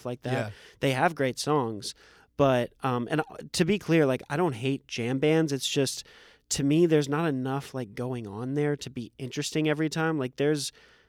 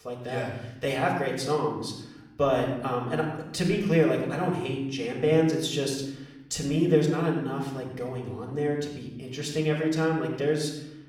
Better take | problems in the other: first | off-mic speech; far // room echo; noticeable; dies away in 0.8 s

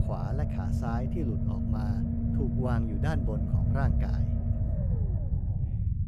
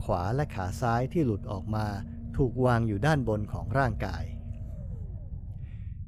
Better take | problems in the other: second | low rumble; loud; throughout; 1 dB below the speech; faint in the second

